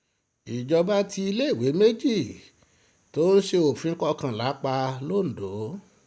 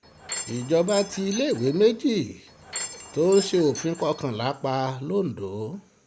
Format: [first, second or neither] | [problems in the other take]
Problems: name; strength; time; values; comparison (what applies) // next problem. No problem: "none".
first | background sound (Door / Chime); 13 dB below the speech